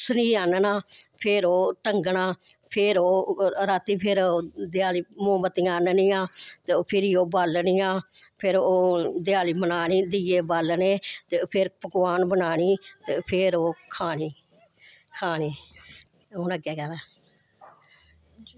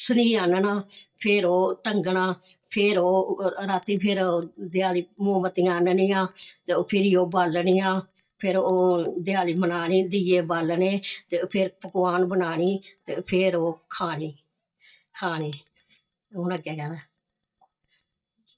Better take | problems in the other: first | noise reduction (neural mask model DeepFilterNet 3)

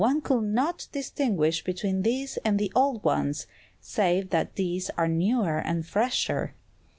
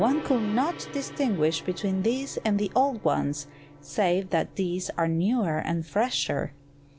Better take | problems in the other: first | background sound (Gong); 17 dB below the speech

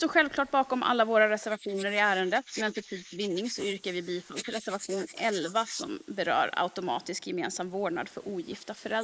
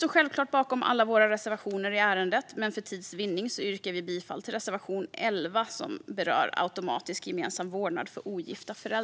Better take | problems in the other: second | noise reduction (neural mask model Resemble Enhance denoiser)

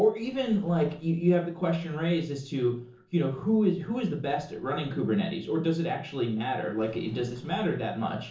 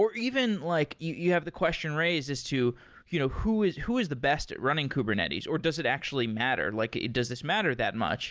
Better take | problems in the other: second | noise reduction (neural separator model SepFormer DNS4)

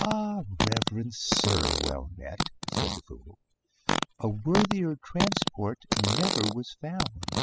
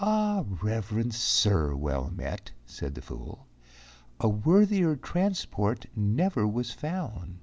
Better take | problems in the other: second | noise reduction (classical method spectral subtraction)

